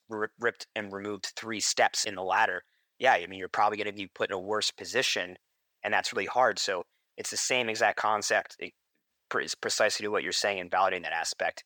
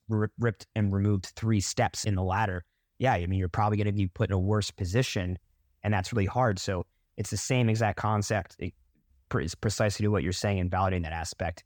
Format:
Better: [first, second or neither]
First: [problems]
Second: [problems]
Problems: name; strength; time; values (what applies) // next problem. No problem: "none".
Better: second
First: thin; very; fading below 550 Hz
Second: none